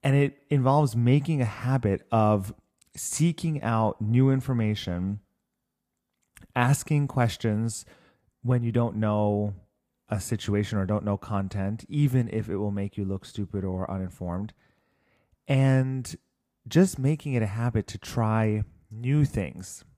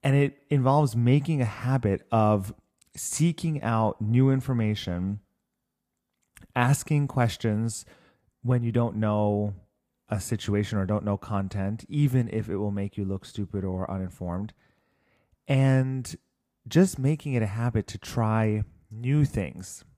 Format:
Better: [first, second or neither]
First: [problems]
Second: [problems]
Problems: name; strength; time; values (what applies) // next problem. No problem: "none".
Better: neither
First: none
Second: none